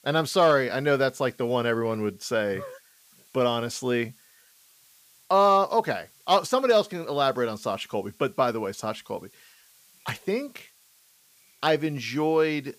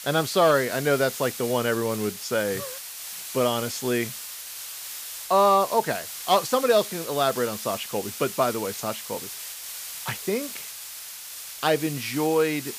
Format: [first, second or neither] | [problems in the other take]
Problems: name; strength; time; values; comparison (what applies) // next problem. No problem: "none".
first | hiss; loud; throughout; 9 dB below the speech; faint in the first